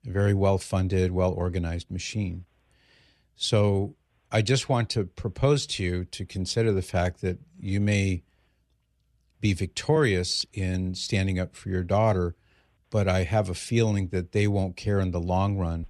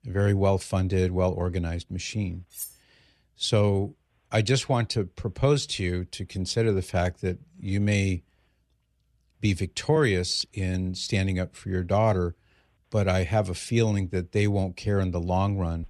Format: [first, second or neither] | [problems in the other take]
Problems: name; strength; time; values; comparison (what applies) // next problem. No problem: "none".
first | clattering dishes; faint; at 2.5 s; peak 10 dB below the speech